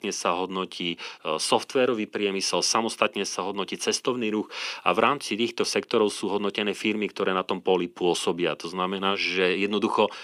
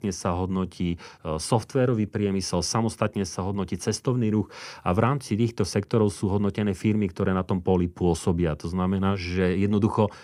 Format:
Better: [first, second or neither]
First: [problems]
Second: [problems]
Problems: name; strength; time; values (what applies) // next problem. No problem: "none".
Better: second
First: thin; somewhat; fading below 300 Hz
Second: none